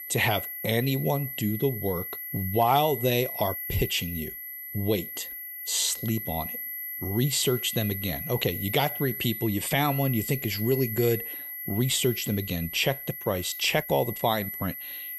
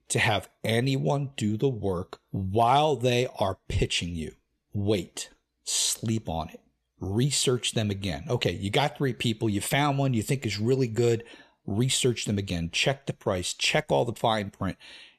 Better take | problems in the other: second | high-pitched whine; loud; throughout; 12 kHz, 6 dB below the speech

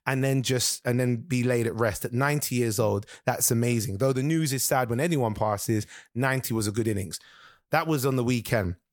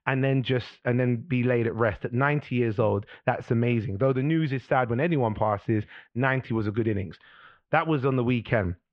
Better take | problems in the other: first | muffled; very; fading above 3 kHz

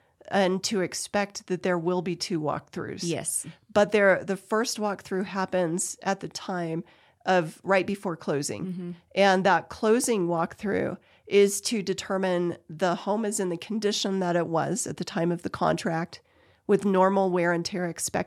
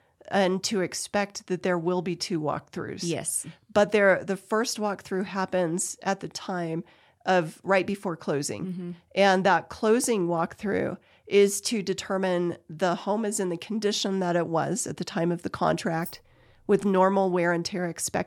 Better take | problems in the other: first | jangling keys; faint; at 16 s; peak 15 dB below the speech

